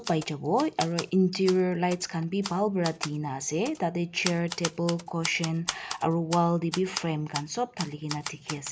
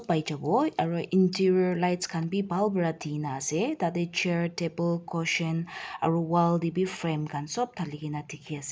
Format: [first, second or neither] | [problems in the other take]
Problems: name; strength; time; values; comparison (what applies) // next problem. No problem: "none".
second | background sound (Typewriter); 12 dB below the speech